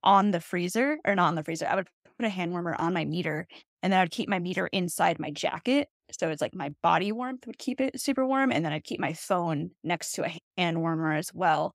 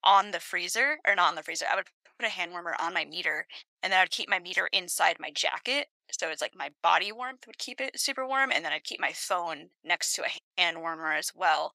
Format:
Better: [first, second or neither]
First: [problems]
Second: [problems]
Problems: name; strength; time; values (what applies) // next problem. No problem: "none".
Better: first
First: none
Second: thin; very; fading below 750 Hz